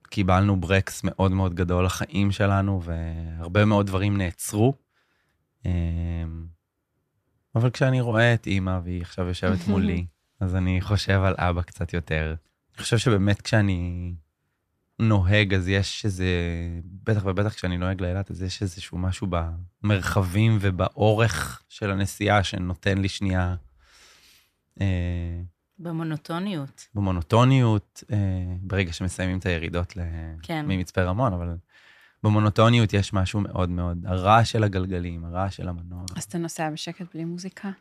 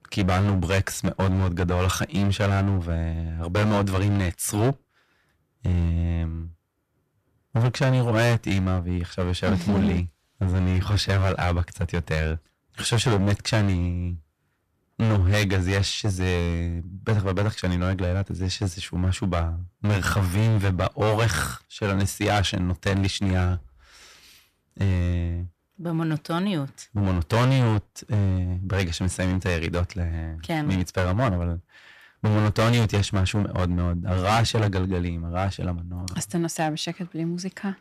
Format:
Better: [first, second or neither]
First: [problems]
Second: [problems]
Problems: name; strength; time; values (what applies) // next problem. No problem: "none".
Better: first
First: none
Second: distortion; heavy; 11% of the sound clipped